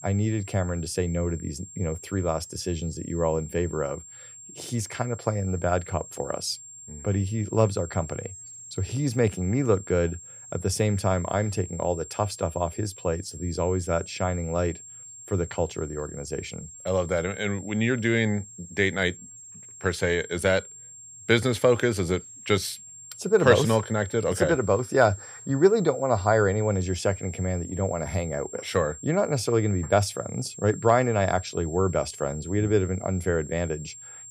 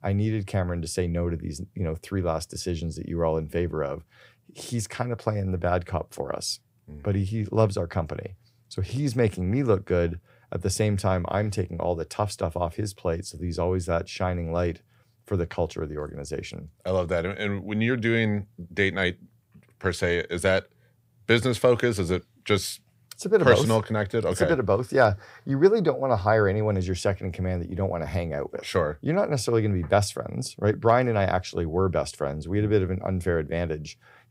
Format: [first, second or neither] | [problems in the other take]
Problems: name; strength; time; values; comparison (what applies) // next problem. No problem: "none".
second | high-pitched whine; noticeable; throughout; 7.5 kHz, 15 dB below the speech